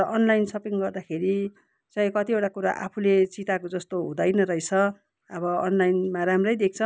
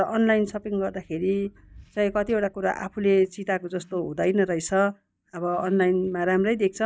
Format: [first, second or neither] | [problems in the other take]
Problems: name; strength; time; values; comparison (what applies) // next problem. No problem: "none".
first | noise reduction (neural mask model DeepFilterNet 3)